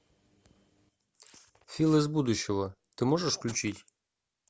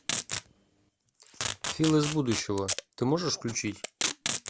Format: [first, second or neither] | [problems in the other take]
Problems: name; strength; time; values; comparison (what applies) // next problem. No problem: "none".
first | background sound (Packing tape, duct tape); 5 dB below the speech